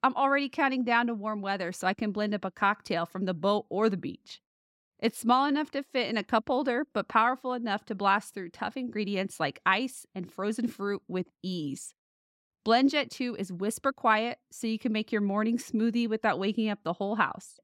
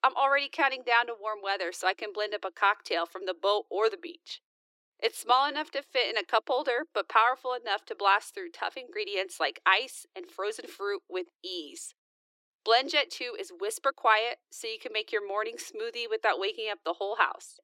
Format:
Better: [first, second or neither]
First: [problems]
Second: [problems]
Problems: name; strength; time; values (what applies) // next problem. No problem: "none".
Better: first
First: none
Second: thin; very; fading below 350 Hz